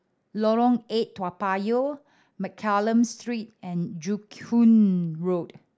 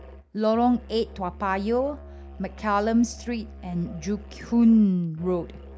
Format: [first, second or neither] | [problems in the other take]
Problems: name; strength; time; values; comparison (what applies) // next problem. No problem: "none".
first | background sound (Musical instrument); 17 dB below the speech